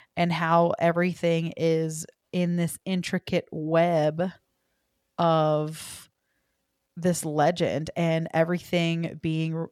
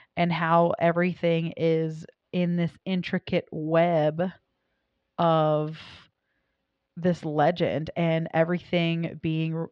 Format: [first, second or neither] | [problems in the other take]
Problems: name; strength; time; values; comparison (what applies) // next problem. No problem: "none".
first | muffled; slightly; fading above 4 kHz